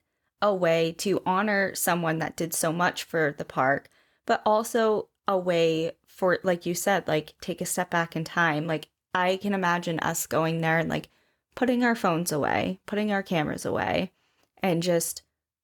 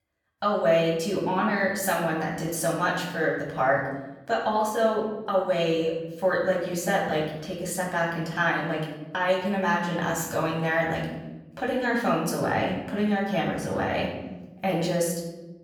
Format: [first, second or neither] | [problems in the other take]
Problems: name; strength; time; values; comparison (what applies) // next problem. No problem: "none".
first | off-mic speech; far // room echo; noticeable; dies away in 0.9 s